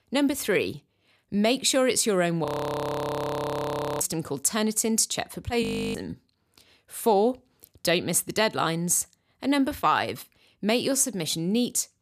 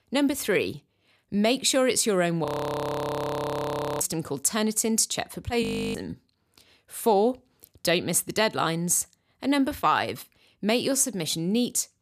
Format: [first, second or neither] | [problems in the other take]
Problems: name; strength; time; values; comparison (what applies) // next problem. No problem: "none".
neither | audio freezing; at 2.5 s for 1.5 s and at 5.5 s; the same in both